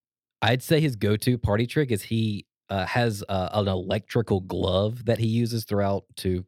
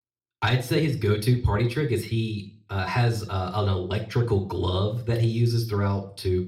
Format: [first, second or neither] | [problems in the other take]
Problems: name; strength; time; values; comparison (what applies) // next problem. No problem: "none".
first | room echo; very slight; dies away in 0.4 s // off-mic speech; somewhat distant